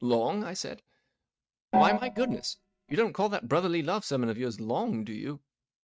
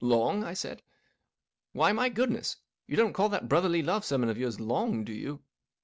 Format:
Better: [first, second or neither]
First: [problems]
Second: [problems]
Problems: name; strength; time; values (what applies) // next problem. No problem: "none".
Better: second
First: noise reduction (neural mask model RNNoise)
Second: none